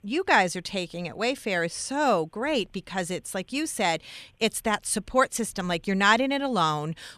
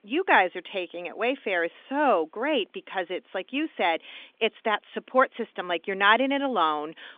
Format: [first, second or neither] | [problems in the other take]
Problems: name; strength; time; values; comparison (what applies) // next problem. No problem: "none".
first | phone-call audio; nothing above 3.5 kHz